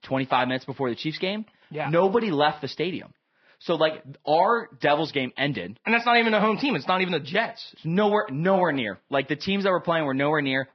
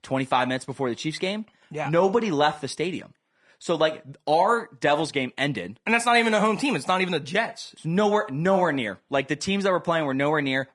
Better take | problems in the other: second | garbled, watery; badly; nothing above 5.5 kHz; slightly in the second

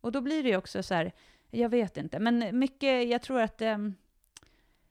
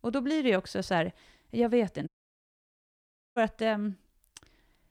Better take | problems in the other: first | audio cutting out; at 2 s for 1.5 s

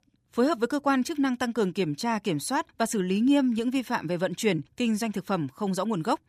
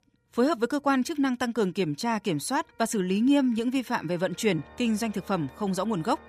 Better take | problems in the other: first | background music; faint; throughout; 25 dB below the speech

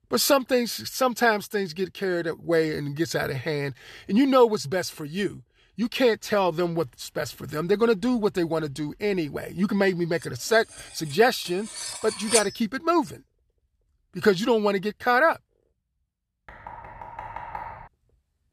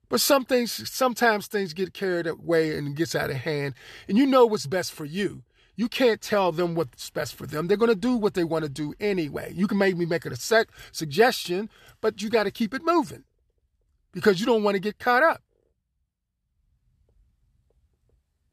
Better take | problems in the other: second | clattering dishes; loud; at 12 s; peak level with the speech // door banging; faint; from 16 to 18 s; peak 10 dB below the speech

